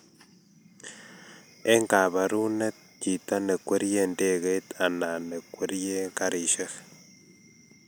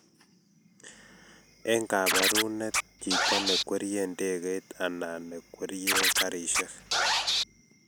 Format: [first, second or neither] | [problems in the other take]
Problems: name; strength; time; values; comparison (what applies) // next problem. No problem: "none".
first | background sound (Scratching (performance technique)); 3 dB above the speech